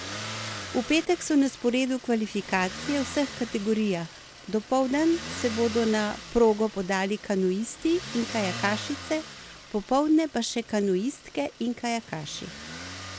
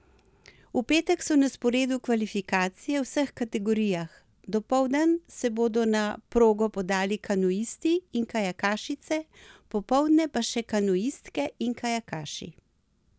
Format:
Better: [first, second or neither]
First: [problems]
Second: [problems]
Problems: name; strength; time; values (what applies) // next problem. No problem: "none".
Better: second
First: background sound (Motor vehicle (road)); 13 dB below the speech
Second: none